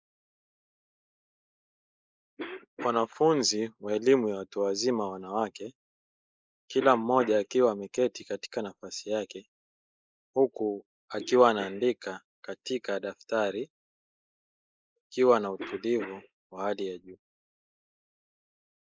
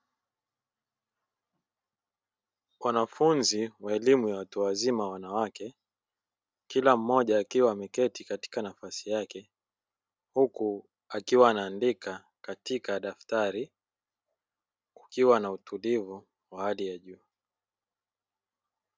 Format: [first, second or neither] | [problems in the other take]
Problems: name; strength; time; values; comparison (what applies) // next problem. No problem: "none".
second | noise reduction (neural mask model Resemble Enhance denoiser)